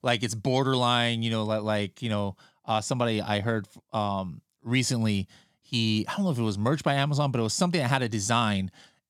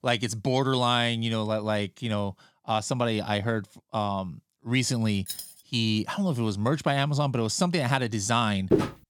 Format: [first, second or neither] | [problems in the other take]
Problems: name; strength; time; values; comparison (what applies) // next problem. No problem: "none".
first | jangling keys; noticeable; at 5.5 s; peak 9 dB below the speech // footsteps; loud; at 8.5 s; peak 1 dB above the speech